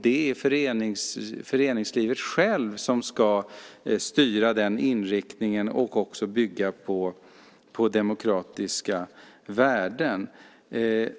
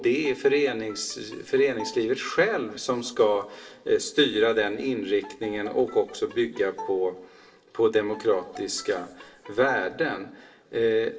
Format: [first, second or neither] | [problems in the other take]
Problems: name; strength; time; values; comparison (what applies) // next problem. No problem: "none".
first | background sound (Bowed string instrument); 18 dB below the speech // room echo; dies away in 0.8 s